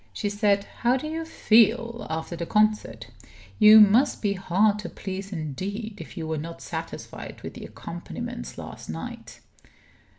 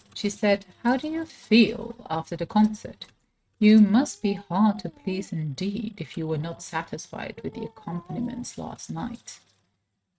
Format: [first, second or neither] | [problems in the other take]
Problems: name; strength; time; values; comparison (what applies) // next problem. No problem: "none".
first | noise reduction (neural mask model RNNoise)